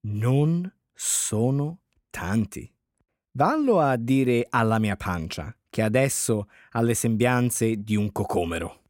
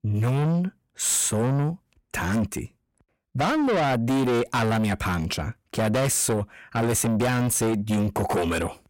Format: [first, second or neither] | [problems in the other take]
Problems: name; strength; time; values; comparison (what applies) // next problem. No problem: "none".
first | distortion; heavy; 5 dB below the speech